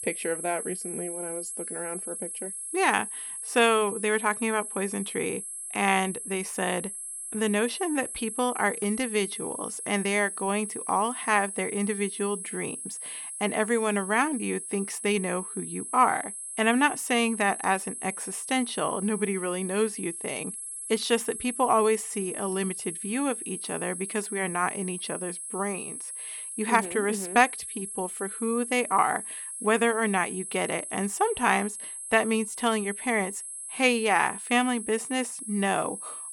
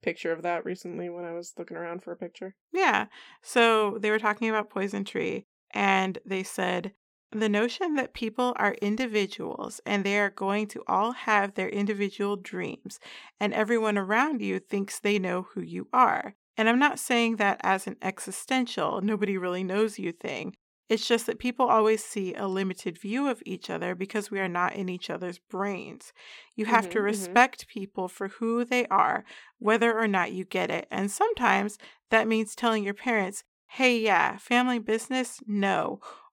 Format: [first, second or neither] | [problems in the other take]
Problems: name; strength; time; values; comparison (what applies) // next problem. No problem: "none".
second | high-pitched whine; loud; throughout; 10.5 kHz, 7 dB below the speech